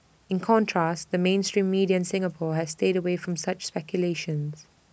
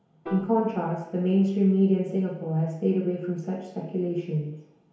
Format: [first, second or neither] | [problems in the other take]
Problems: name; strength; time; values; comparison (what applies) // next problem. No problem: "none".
first | background sound (Piano); 20 dB below the speech // room echo; dies away in 1 s